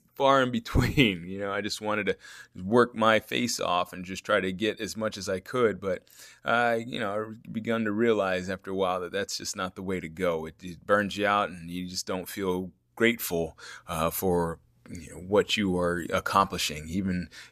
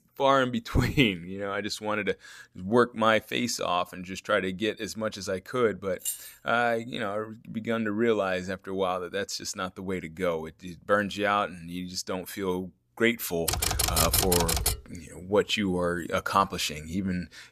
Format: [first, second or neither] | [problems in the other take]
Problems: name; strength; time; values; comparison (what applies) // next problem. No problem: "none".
first | jangling keys; noticeable; at 6 s; peak 5 dB below the speech // keyboard typing; loud; from 13 to 15 s; peak 5 dB above the speech